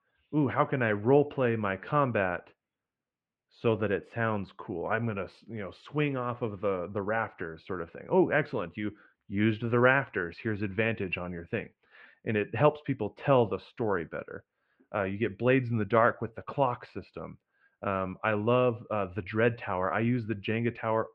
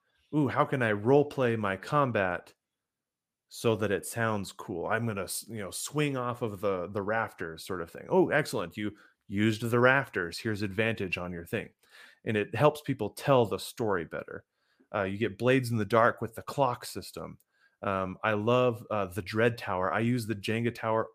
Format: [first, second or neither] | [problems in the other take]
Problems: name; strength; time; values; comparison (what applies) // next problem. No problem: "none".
second | muffled; very; fading above 2.5 kHz